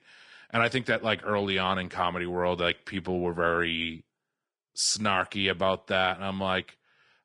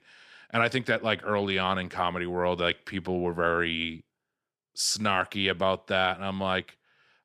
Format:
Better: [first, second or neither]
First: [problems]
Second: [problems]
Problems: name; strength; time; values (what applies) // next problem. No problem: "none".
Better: second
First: garbled, watery; slightly; nothing above 10 kHz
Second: none